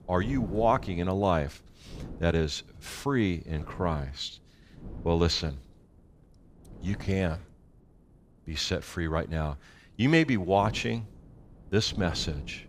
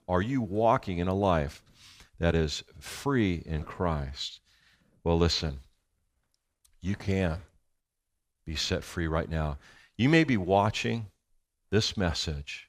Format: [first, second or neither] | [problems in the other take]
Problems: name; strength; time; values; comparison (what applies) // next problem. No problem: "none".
second | wind noise on the microphone; occasional gusts; 20 dB below the speech